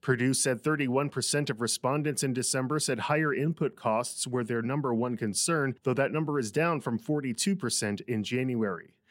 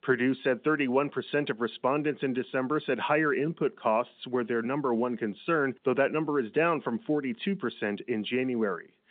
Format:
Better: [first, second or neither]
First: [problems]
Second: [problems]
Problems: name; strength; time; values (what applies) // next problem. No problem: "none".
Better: first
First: none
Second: phone-call audio; nothing above 3.5 kHz